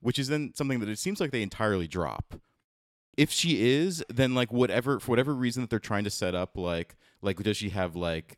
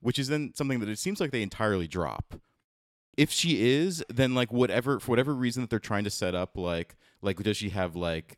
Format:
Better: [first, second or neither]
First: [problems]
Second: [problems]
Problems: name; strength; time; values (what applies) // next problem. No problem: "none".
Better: neither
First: none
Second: none